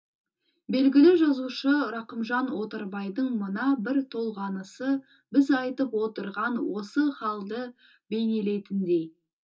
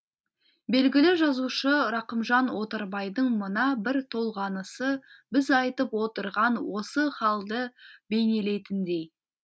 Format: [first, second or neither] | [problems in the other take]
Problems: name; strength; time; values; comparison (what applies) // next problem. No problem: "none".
second | room echo; dies away in 0.2 s